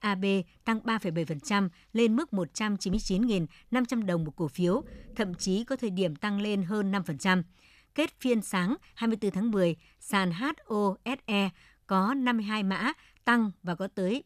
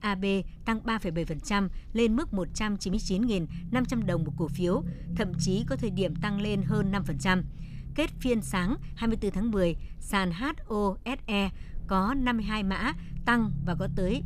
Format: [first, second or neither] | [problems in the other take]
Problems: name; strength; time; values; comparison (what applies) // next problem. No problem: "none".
first | low rumble; noticeable; throughout; 15 dB below the speech